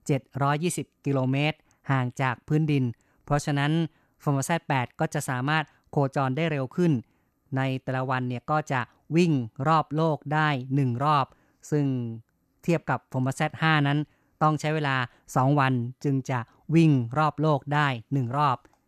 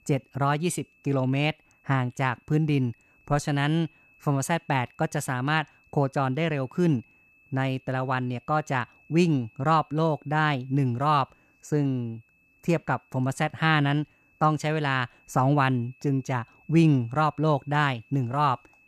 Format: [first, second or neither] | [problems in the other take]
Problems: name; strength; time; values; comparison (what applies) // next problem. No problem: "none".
first | high-pitched whine; faint; throughout; 2.5 kHz, 35 dB below the speech